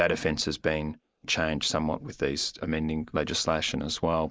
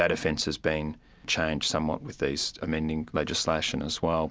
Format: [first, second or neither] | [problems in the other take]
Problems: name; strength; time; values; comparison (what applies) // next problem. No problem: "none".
second | noise reduction (neural mask model Resemble Enhance denoiser)